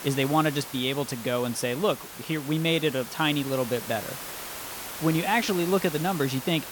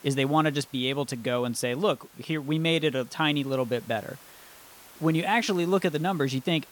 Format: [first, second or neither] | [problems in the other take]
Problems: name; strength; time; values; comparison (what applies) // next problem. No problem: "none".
second | hiss; loud; throughout; 10 dB below the speech; faint in the second